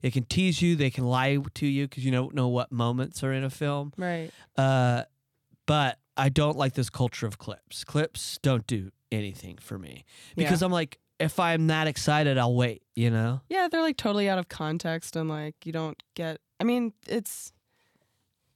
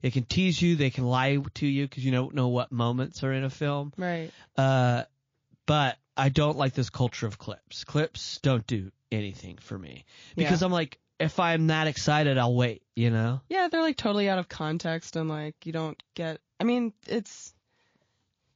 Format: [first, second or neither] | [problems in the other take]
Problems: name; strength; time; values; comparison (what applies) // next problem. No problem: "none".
first | garbled, watery; slightly; nothing above 6 kHz